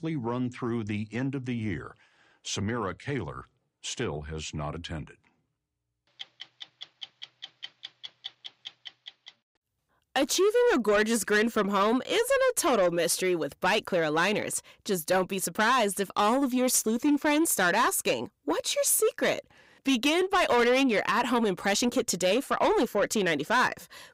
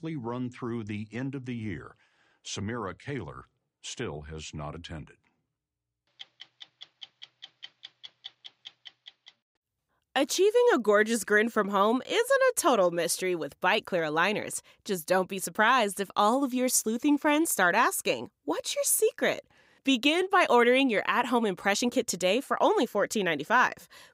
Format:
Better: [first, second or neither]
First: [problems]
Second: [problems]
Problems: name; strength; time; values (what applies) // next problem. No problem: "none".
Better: second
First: distortion; slight; 10 dB below the speech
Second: none